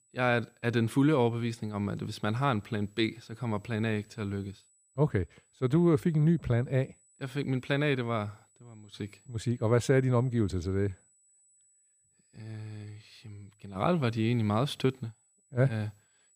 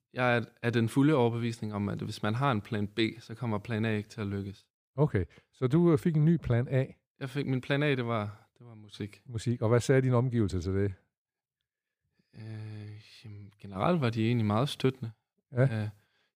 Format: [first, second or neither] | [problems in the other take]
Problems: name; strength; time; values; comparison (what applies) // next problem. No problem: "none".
second | high-pitched whine; faint; throughout; 8 kHz, 35 dB below the speech